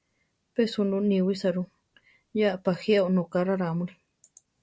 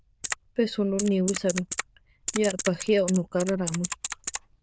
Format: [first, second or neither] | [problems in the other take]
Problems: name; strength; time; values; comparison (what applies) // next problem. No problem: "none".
first | noise reduction (neural diffusion model UNIVERSE++)